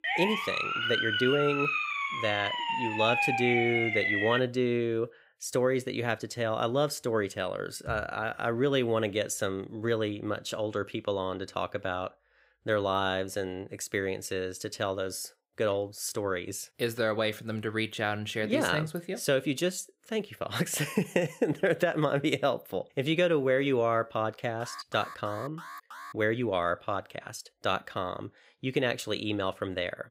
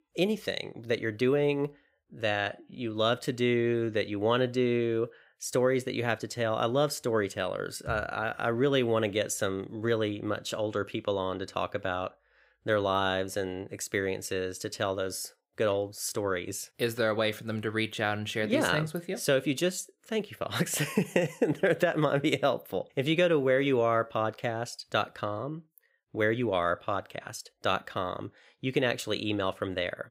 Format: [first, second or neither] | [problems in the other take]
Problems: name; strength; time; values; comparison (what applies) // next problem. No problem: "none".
second | siren; loud; until 4.5 s; peak 4 dB above the speech // alarm; faint; from 25 to 26 s; peak 15 dB below the speech